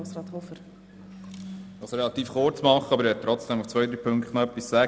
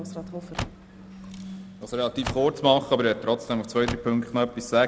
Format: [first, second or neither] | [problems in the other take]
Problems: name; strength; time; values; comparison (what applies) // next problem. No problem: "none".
first | background sound (Car); 13 dB below the speech